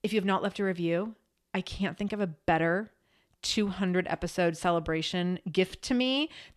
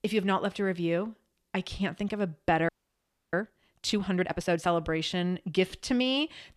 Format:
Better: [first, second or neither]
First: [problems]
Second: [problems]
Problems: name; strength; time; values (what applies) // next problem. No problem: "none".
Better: first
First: none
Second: audio freezing; at 2.5 s for 0.5 s